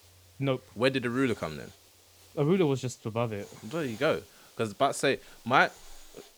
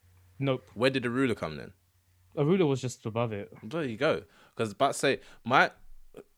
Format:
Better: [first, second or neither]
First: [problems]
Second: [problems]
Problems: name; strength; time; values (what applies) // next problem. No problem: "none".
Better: second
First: hiss; faint; throughout; 25 dB below the speech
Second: none